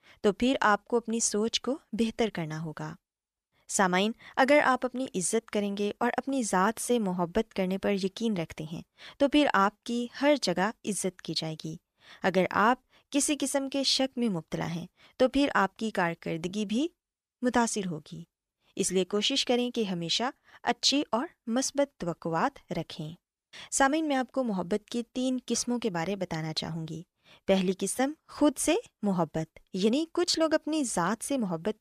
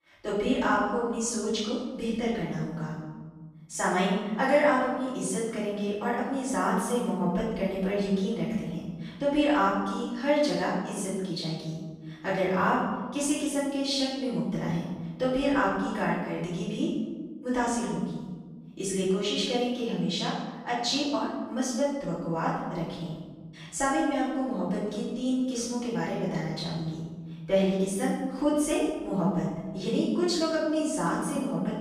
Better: first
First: none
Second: off-mic speech; far // room echo; strong; dies away in 1.6 s

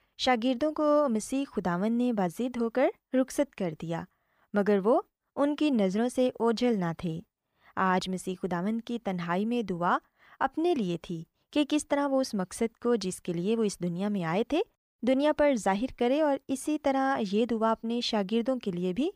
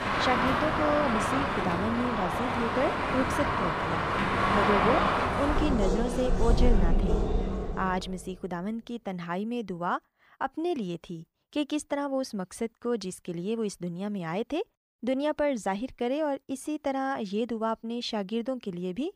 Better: first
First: none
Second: traffic noise; very loud; until 7.5 s; 4 dB above the speech

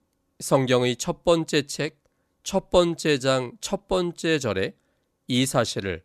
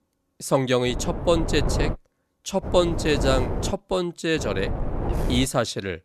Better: first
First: none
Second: wind noise on the microphone; heavy; from 1 to 2 s, from 2.5 to 3.5 s and from 4.5 to 5.5 s; 9 dB below the speech

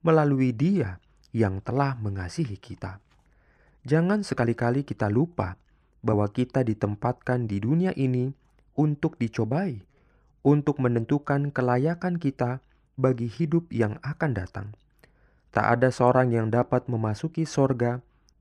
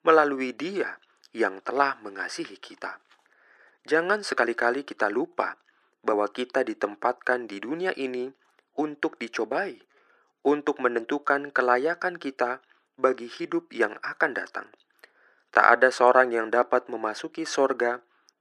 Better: first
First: none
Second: thin; very; fading below 350 Hz

